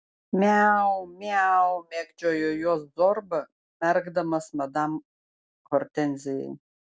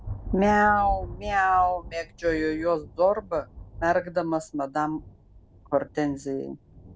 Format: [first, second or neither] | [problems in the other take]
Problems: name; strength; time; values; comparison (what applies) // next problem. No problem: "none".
first | background sound (Thunder); 14 dB below the speech